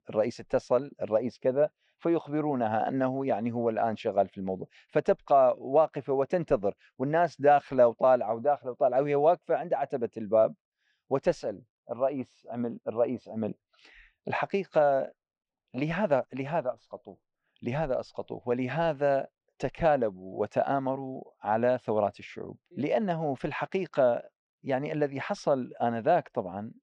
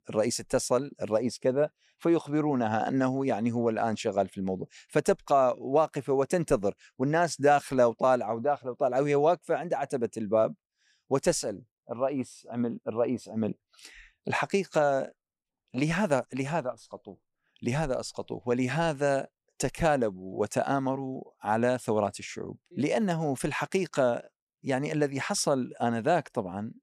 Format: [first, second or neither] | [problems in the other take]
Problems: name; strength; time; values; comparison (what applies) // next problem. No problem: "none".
second | muffled; very; fading above 4 kHz